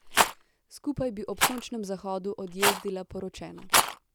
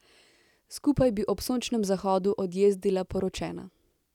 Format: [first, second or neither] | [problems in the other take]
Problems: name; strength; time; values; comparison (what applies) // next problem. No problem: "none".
second | background sound (Rattle); 5 dB above the speech